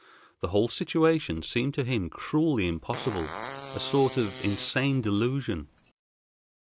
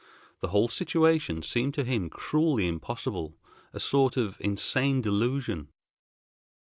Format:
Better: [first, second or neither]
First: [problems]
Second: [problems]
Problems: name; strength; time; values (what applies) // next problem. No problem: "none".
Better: second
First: background sound (Fart); 14 dB below the speech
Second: none